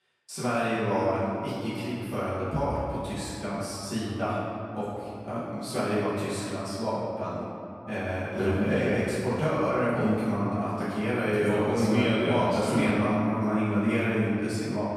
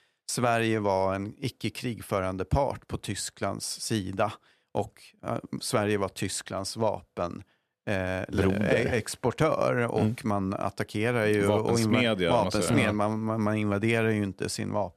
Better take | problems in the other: second | off-mic speech; far // room echo; strong; dies away in 2.5 s

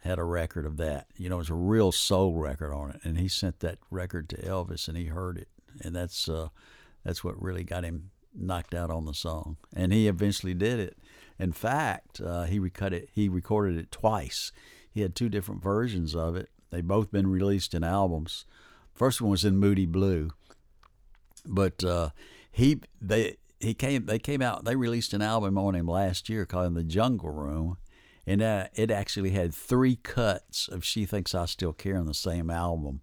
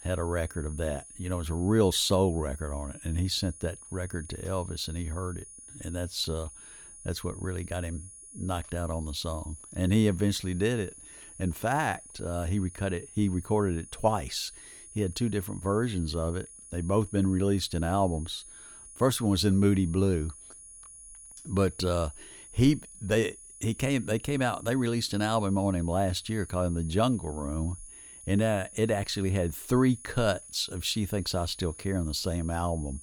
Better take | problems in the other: first | high-pitched whine; noticeable; throughout; 10 kHz, 15 dB below the speech

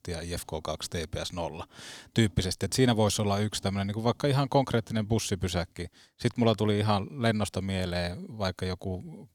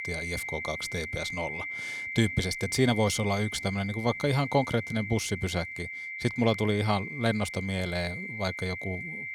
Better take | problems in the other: first | high-pitched whine; loud; throughout; 2 kHz, 6 dB below the speech

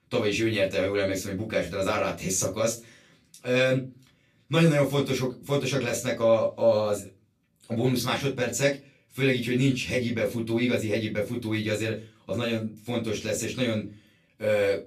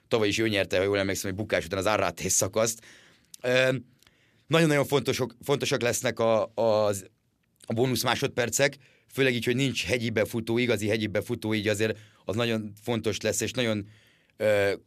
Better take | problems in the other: second | off-mic speech; far // room echo; very slight; dies away in 0.2 s

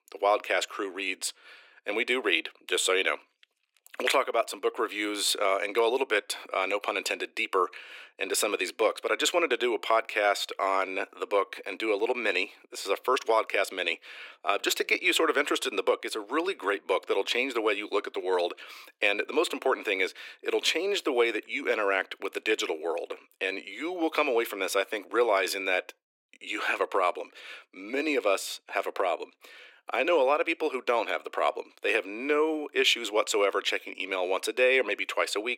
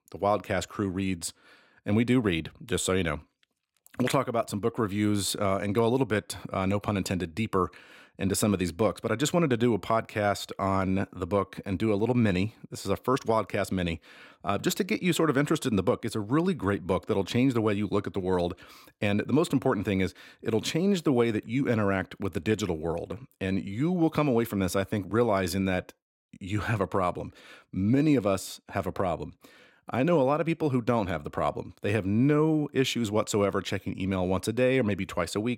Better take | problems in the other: second | thin; very; fading below 350 Hz

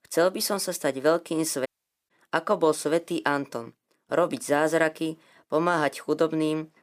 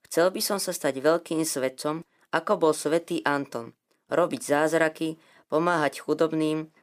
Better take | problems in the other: second | audio cutting out; at 1.5 s

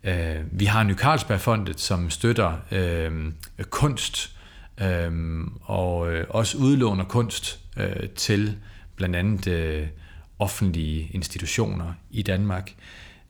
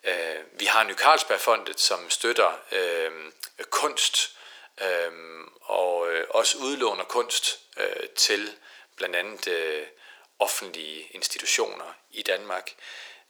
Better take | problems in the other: first | thin; very; fading below 400 Hz

